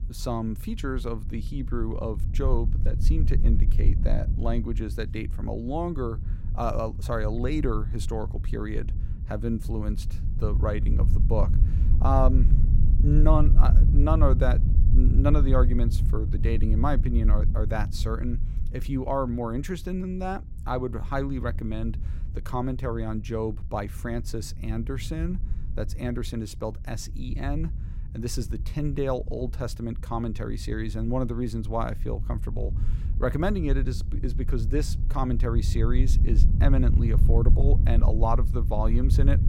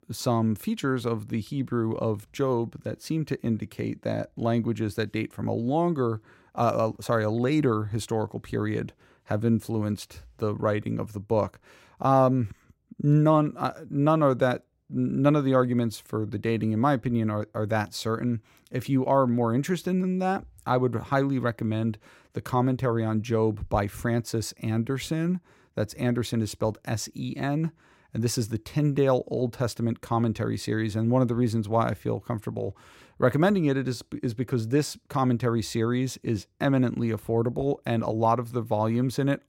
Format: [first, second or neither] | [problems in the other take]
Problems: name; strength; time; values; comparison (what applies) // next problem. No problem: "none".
second | low rumble; noticeable; throughout; 10 dB below the speech